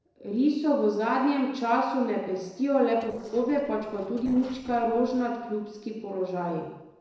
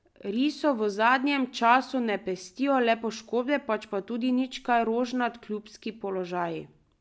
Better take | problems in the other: second | noise reduction (neural separator model SepFormer DNS4)

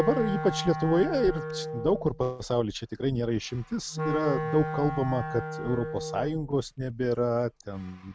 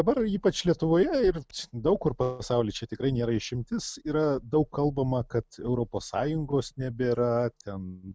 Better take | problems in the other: second | background sound (Wind instrument, woodwind instrument); 7 dB below the speech

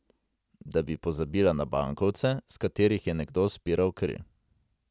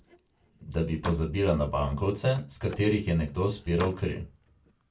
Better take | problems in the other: first | background sound (Slam); 16 dB below the speech // room echo; dies away in 0.2 s

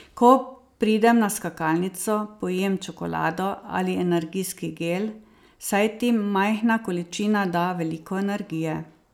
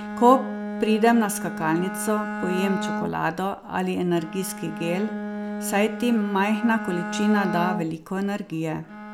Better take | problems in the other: first | background sound (Bowed string instrument); 7 dB below the speech

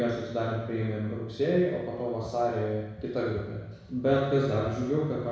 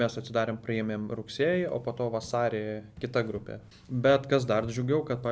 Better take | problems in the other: second | room echo; dies away in 1.1 s

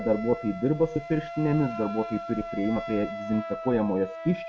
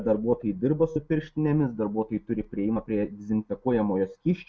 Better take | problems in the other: second | background sound (Wind instrument, woodwind instrument); 10 dB below the speech

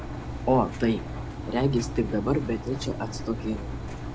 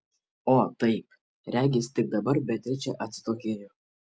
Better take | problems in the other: second | background sound (Engine); 6 dB below the speech

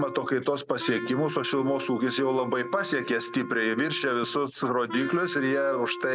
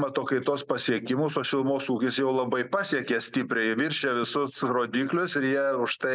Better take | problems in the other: second | background sound (Wind instrument, woodwind instrument); 11 dB below the speech

